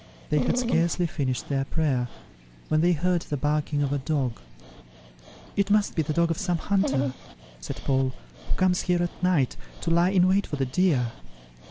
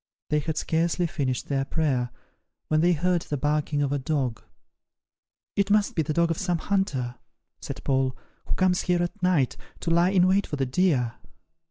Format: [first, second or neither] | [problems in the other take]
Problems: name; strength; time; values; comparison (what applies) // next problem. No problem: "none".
second | background sound (Dog); 13 dB below the speech